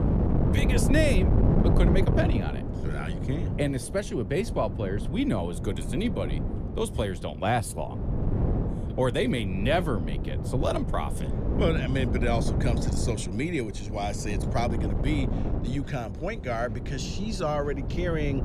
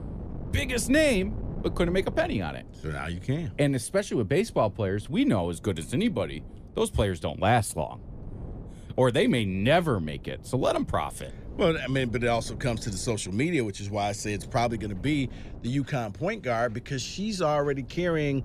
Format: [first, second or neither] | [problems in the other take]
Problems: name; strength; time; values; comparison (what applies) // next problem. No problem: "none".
second | wind noise on the microphone; heavy; 6 dB below the speech; occasional gusts in the second